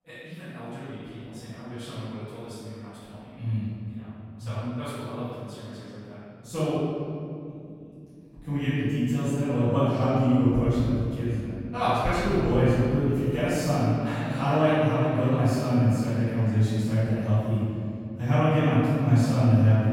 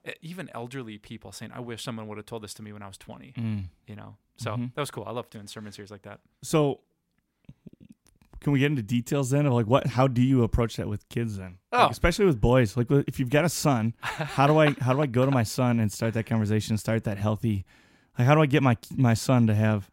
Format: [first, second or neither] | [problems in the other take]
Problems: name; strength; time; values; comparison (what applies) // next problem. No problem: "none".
second | off-mic speech; far // room echo; strong; dies away in 2.7 s